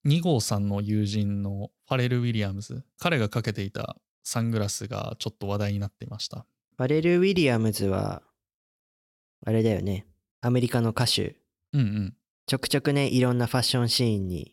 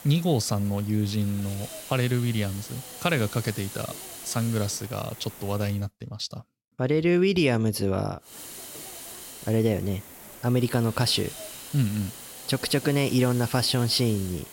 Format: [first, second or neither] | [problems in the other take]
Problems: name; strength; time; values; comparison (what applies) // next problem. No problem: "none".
first | hiss; noticeable; until 6 s and from 8.5 s on; 15 dB below the speech